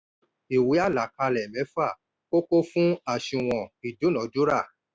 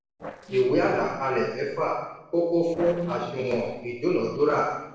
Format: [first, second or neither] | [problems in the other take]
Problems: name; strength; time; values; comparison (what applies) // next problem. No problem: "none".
first | noise reduction (neural separator model SepFormer DNS4)